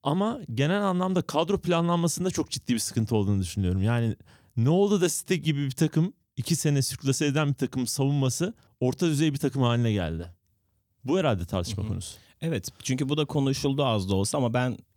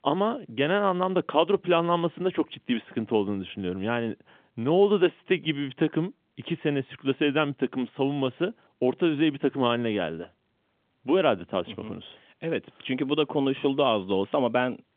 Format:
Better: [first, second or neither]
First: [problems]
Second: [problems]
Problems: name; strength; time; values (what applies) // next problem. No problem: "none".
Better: first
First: none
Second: phone-call audio; nothing above 3.5 kHz